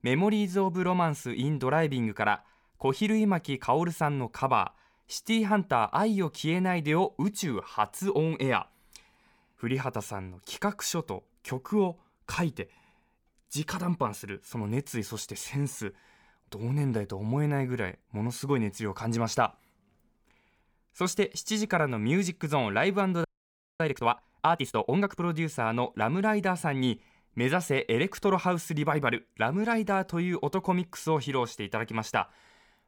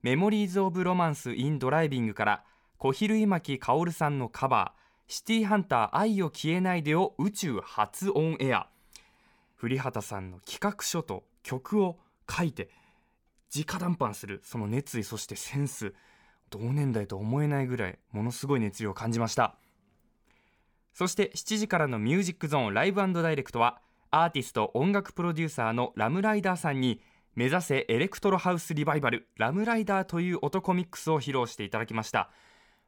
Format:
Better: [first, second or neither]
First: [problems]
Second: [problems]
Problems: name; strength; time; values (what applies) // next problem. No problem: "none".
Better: second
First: audio freezing; at 23 s for 0.5 s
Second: none